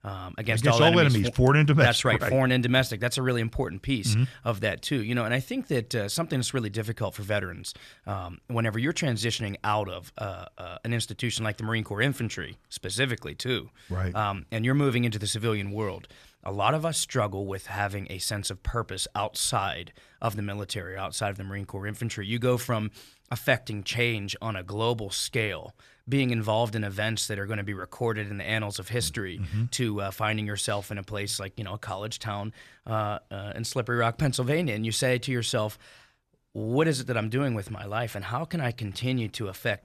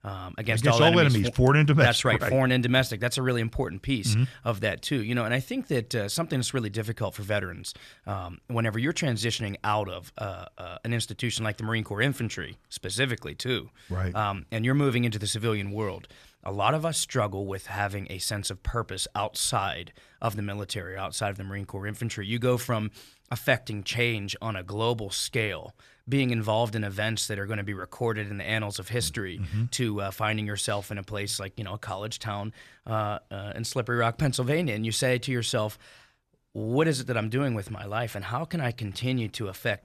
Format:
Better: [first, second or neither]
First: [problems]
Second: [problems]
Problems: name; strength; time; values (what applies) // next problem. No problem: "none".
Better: neither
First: none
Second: none